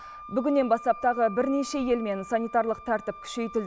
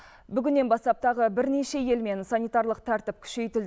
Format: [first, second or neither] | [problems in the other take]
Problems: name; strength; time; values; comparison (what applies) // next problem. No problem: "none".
second | background sound (Wind instrument, woodwind instrument); 16 dB below the speech